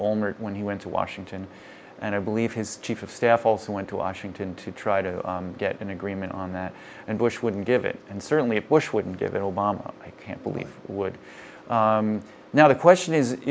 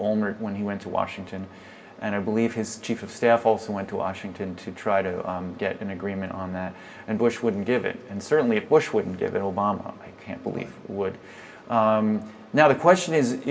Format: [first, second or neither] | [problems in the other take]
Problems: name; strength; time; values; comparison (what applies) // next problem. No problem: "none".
first | room echo; dies away in 1.5 s